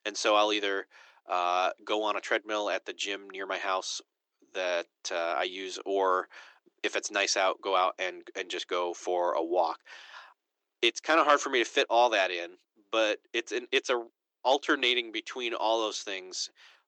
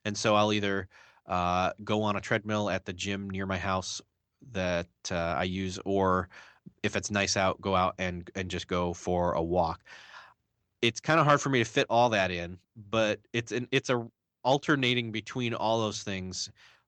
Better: second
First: thin; very; fading below 350 Hz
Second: none

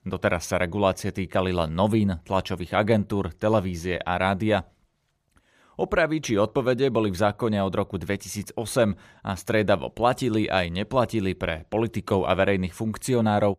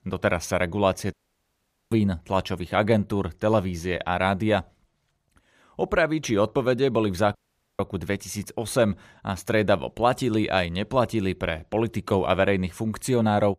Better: first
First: none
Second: audio cutting out; at 1 s for 1 s and at 7.5 s

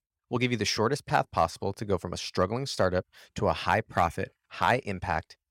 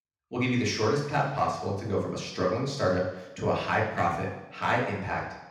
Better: first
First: none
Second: room echo; noticeable; dies away in 0.9 s // off-mic speech; far

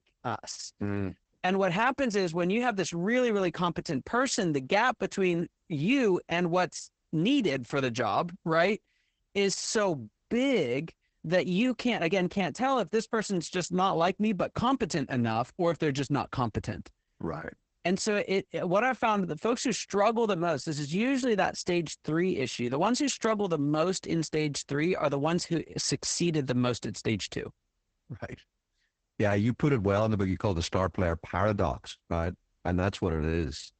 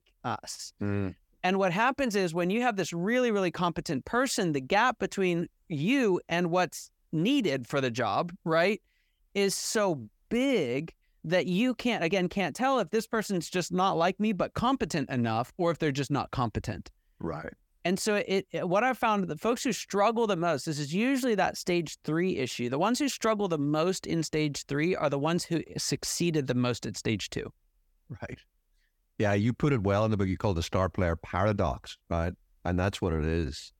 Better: second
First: garbled, watery; badly; nothing above 8 kHz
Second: none

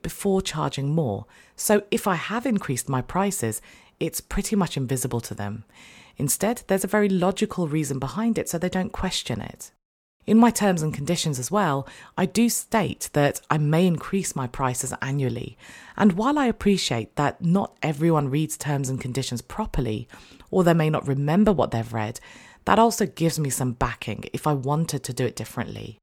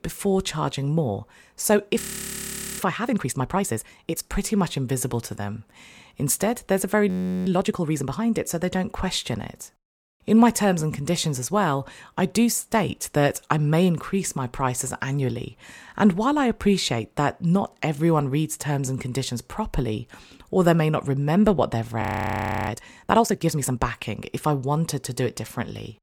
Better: first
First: none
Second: audio freezing; at 2 s for 1 s, at 7 s and at 22 s for 0.5 s

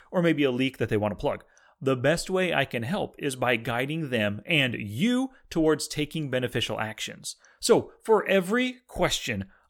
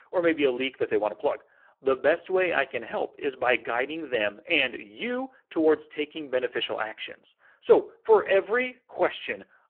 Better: first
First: none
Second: phone-call audio; poor line

